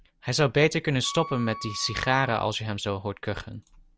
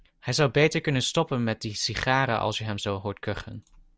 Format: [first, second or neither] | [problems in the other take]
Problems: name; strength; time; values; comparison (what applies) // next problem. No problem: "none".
second | background sound (Wind instrument, woodwind instrument); 15 dB below the speech